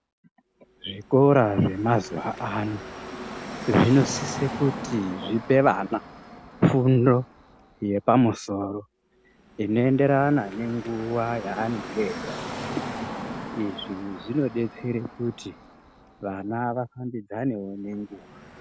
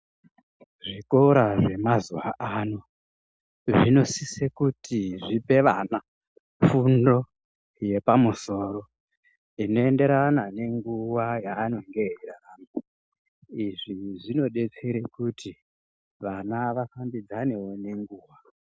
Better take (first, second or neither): second